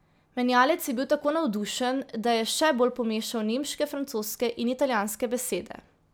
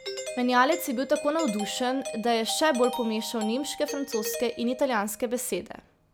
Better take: first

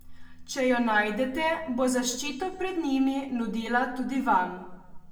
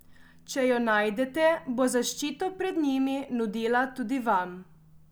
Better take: second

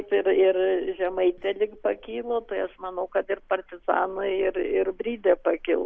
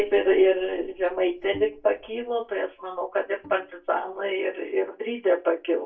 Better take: first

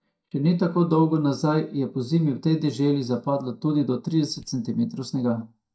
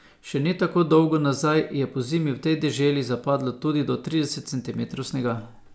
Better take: second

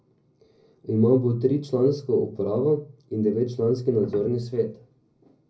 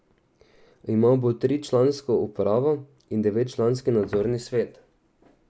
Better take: second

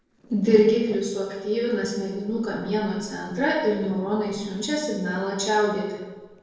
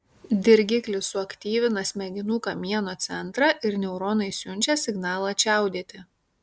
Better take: second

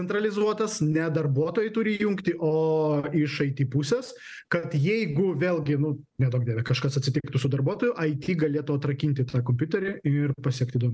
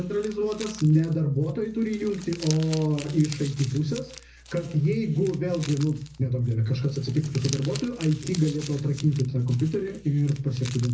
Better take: first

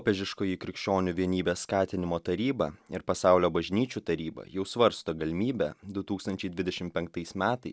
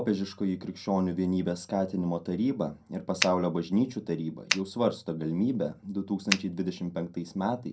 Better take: first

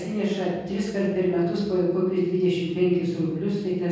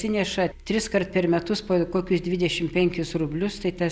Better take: second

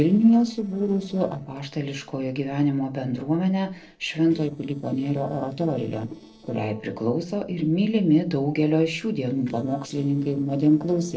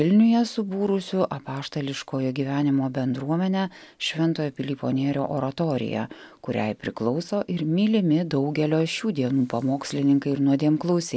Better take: second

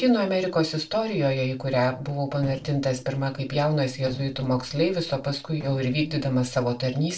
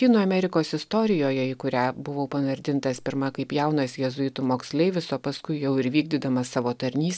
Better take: second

